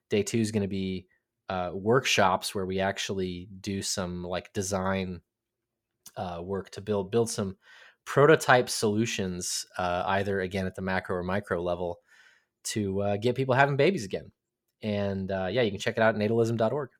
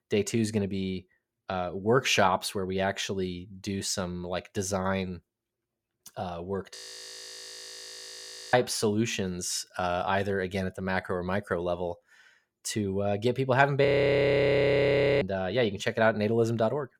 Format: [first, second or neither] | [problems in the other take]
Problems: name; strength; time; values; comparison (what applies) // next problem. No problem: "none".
first | audio freezing; at 7 s for 2 s and at 14 s for 1.5 s